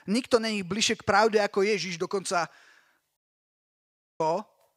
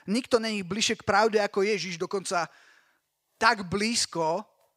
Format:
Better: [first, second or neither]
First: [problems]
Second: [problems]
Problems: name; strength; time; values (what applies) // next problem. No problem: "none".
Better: second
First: audio cutting out; at 3 s for 1 s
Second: none